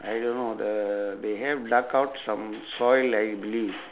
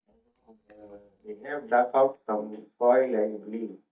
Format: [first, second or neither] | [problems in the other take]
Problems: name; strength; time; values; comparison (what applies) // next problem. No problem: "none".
first | noise reduction (neural mask model DeepFilterNet 3)